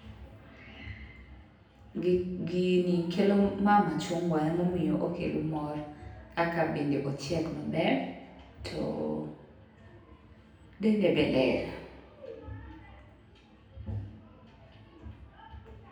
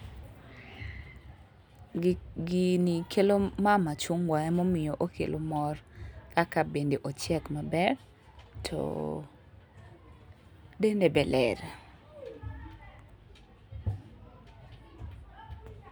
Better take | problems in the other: second | room echo; dies away in 0.9 s

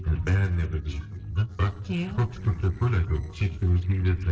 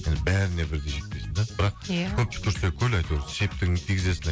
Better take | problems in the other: second | noise reduction (neural separator model SepFormer DNS4)

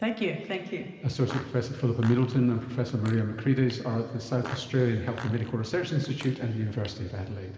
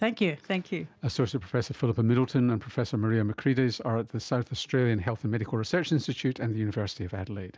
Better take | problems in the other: second | background sound (Fart); 18 dB below the speech // room echo; dies away in 2.1 s

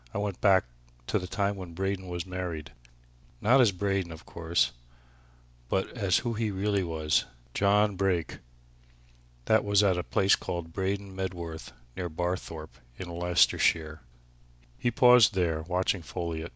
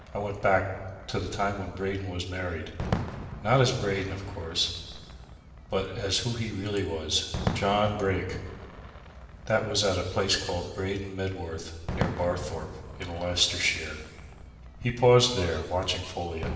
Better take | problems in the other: first | background sound (Fireworks); 10 dB below the speech // room echo; dies away in 1.4 s

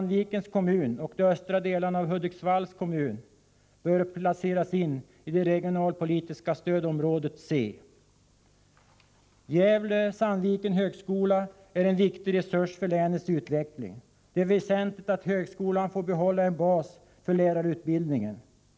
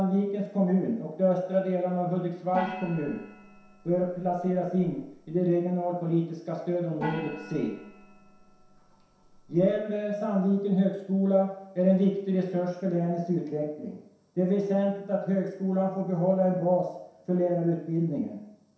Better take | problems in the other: first | background sound (Gong); 15 dB below the speech // room echo; dies away in 0.7 s

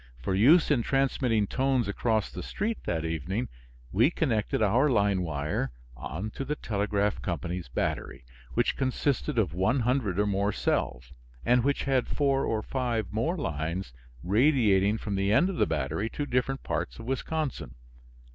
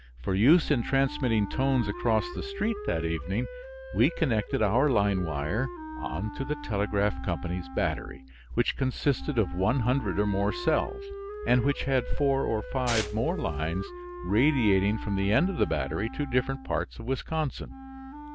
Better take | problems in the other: first | background sound (Wind instrument, woodwind instrument + Tearing); 12 dB below the speech

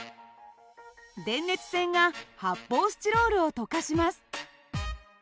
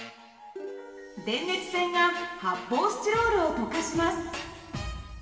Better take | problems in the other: first | background sound (Plucked string instrument); 16 dB below the speech // room echo; dies away in 2.2 s

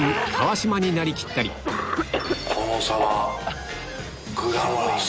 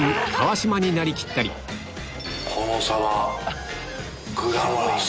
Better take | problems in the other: second | background sound (Cough); 8 dB below the speech

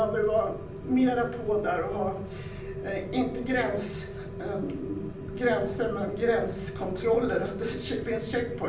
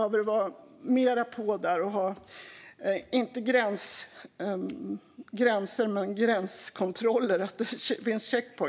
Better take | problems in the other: second | background sound (Rain); 8 dB below the speech // room echo; dies away in 0.6 s

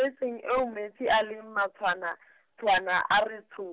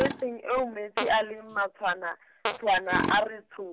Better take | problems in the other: first | background sound (Tools + Fart); 7 dB below the speech

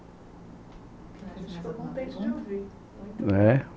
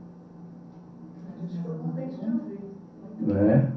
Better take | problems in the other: first | room echo; dies away in 0.6 s

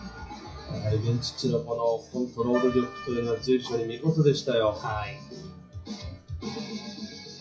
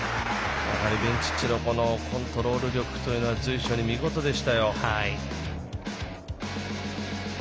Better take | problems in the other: second | noise reduction (classical method WPE with log-MMSE)

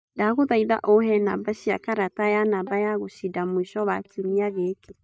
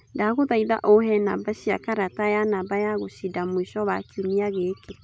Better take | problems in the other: second | noise reduction (neural mask model DeepFilterNet 3)

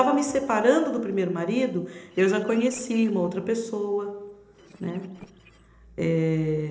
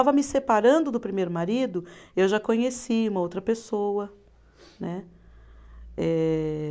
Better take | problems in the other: second | noise reduction (neural separator model SepFormer DNS4)

